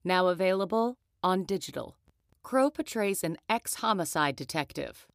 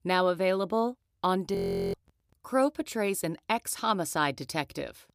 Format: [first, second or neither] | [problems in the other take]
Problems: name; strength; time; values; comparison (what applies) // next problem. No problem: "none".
first | audio freezing; at 1.5 s